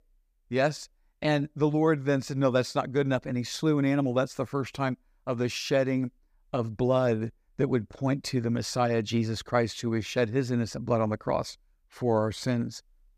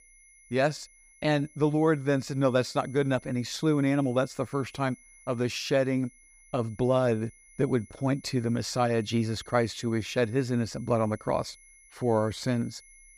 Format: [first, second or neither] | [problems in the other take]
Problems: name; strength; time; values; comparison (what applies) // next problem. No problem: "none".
first | high-pitched whine; faint; throughout; 2 kHz, 25 dB below the speech